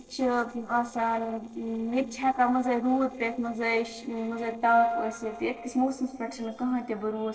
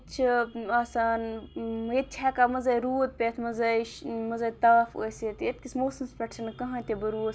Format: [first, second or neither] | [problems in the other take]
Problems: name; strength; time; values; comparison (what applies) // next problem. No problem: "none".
second | noise reduction (neural separator model SepFormer DNS4)